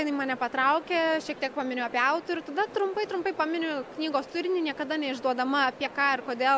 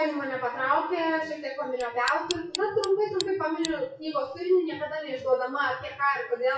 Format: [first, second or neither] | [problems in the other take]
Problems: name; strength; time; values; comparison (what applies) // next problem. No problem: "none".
first | noise reduction (classical method WPE with log-MMSE)